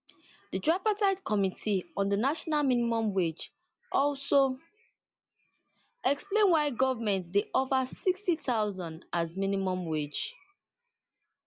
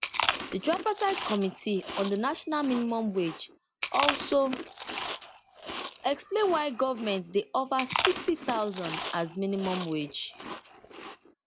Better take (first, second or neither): first